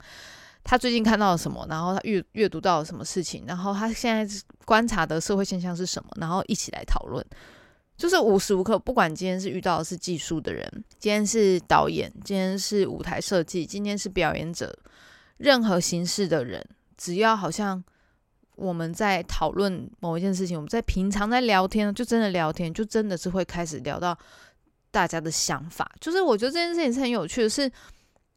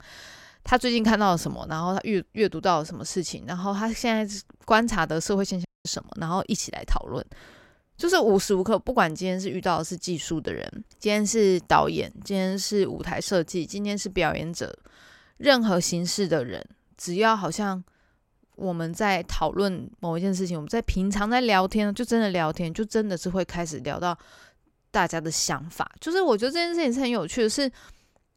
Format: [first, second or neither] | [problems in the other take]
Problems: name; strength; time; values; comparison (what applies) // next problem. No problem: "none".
first | audio cutting out; at 5.5 s